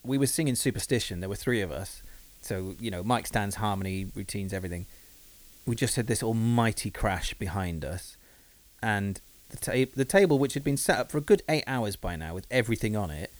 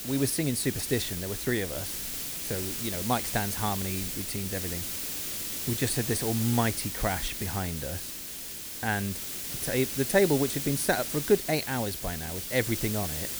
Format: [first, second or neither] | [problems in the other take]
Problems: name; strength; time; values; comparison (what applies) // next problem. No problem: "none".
first | hiss; loud; throughout; 3 dB below the speech; faint in the first